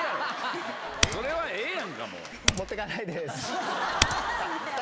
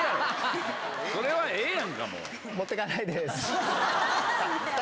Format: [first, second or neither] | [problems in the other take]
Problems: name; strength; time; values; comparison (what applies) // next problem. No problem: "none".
second | background sound (Typing); 1 dB above the speech